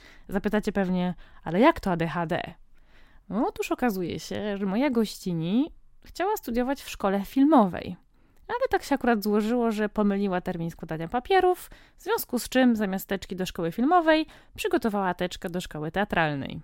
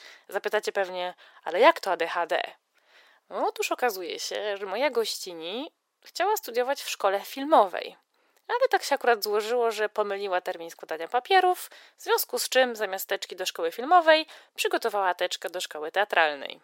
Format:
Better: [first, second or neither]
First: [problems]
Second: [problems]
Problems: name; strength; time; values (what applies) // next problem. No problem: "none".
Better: first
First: none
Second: thin; very; fading below 450 Hz